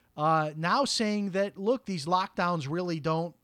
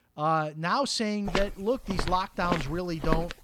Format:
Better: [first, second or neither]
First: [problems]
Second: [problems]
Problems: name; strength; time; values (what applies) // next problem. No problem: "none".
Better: first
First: none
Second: footsteps; noticeable; from 1.5 s on; peak 3 dB below the speech